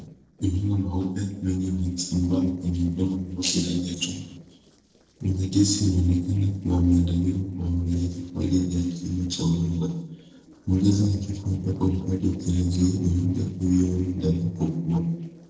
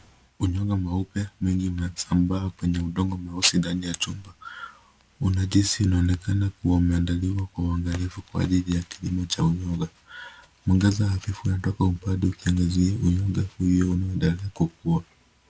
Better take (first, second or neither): second